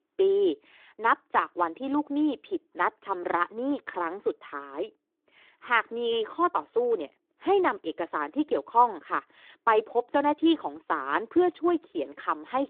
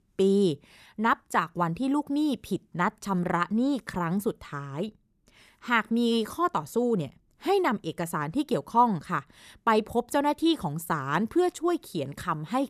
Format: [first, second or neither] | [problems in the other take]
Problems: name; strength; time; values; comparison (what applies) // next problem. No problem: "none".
second | phone-call audio